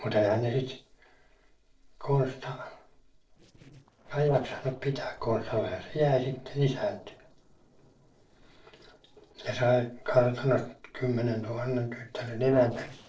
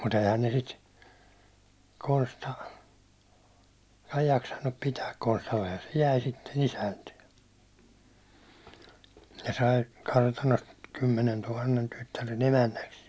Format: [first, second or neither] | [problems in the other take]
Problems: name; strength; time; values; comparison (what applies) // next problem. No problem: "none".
second | noise reduction (neural separator model SepFormer DNS4)